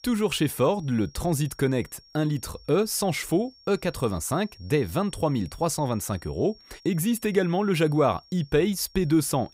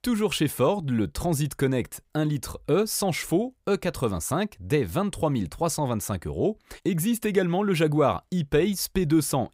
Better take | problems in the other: second | high-pitched whine; faint; throughout; 5.5 kHz, 25 dB below the speech

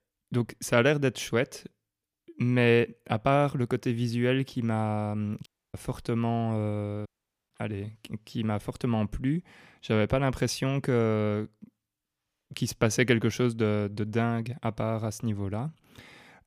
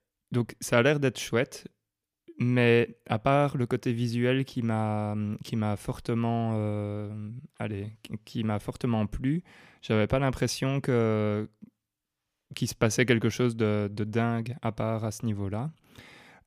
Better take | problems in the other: second | audio cutting out; at 5.5 s and at 7 s

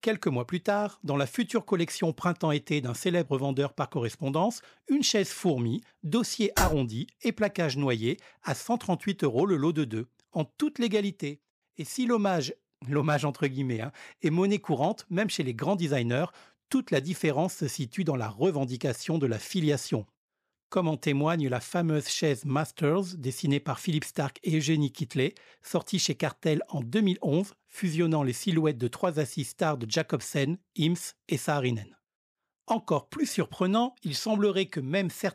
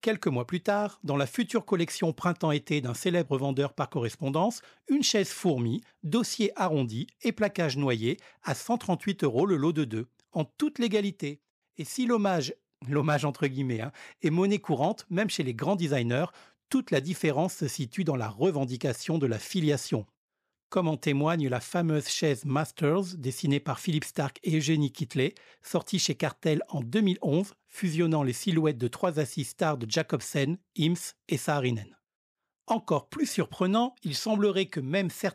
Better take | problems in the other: second | keyboard typing; loud; at 6.5 s; peak level with the speech

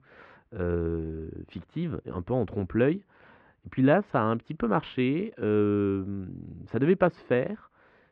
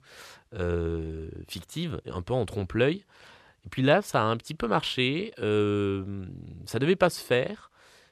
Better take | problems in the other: second | muffled; very; fading above 2 kHz

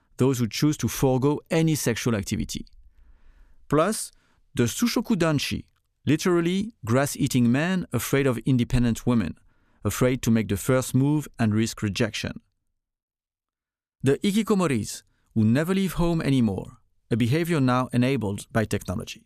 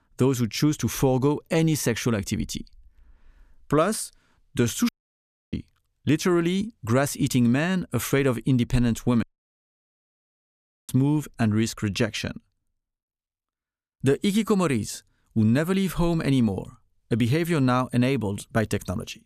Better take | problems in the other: first | audio cutting out; at 5 s for 0.5 s and at 9 s for 1.5 s

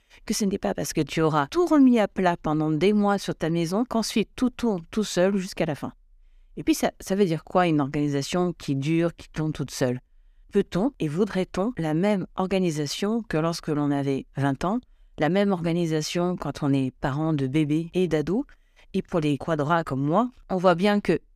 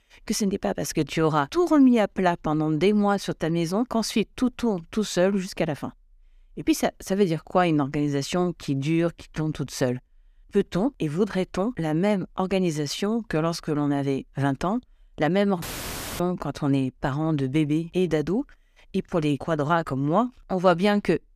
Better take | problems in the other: first | audio cutting out; filled with static; at 16 s for 0.5 s

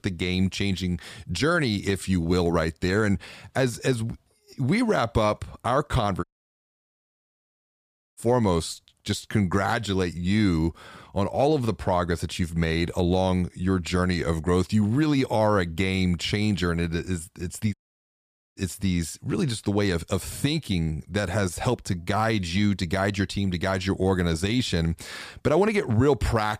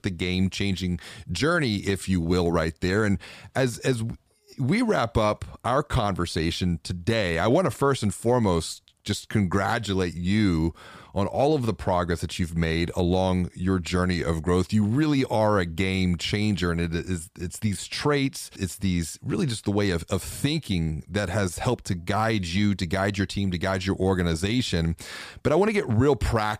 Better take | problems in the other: second | audio cutting out; at 6 s for 2 s and at 18 s for 1 s

